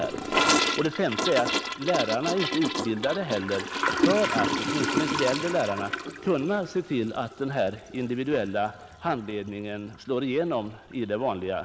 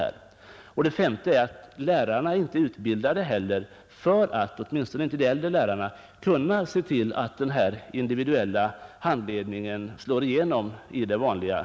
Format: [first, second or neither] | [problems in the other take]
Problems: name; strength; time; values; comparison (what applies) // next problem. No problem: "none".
second | background sound (Toilet flush / Gurgling); 2 dB below the speech